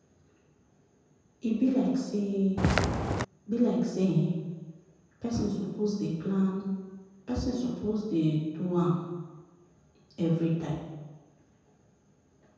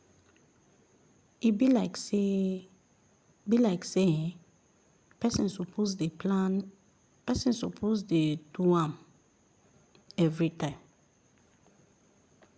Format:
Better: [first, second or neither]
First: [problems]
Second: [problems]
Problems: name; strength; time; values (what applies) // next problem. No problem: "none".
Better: second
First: background sound (Walk, footsteps); 4 dB above the speech // room echo; dies away in 1.2 s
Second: none